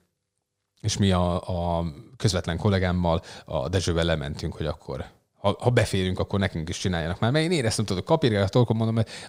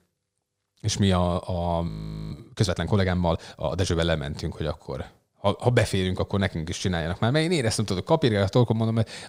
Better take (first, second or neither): first